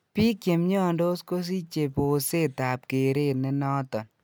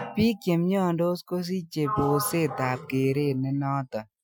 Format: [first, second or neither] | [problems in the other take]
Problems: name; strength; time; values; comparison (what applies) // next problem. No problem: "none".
first | noise reduction (classical method Wiener filter)